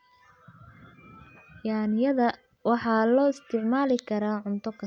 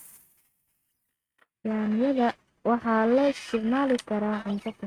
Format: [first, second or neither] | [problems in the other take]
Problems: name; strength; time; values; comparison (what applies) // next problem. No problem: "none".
first | noise reduction (neural mask model RNNoise)